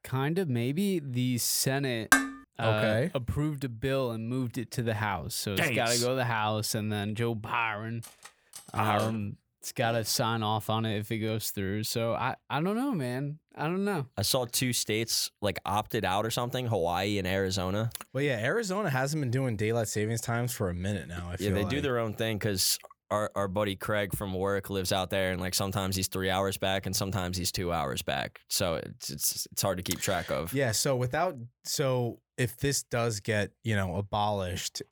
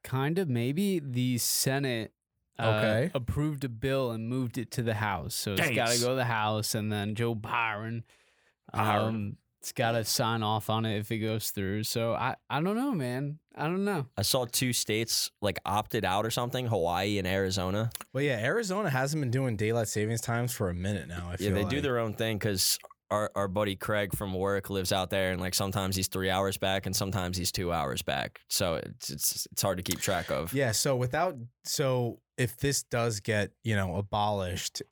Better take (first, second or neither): second